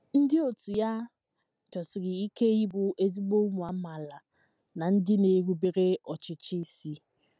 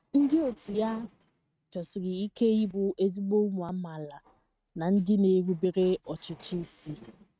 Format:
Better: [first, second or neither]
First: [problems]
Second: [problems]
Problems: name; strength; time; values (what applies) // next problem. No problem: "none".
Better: first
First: none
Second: noise reduction (neural mask model RNNoise)